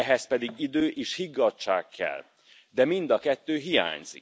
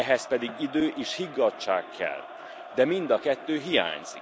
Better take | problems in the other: first | background sound (Crowd); 14 dB below the speech

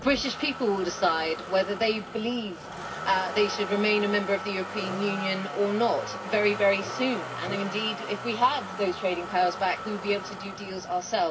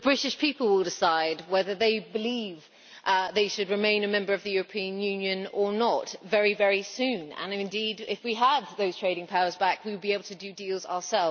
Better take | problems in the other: second | background sound (Motor vehicle (road)); 9 dB below the speech // room echo; dies away in 0.4 s

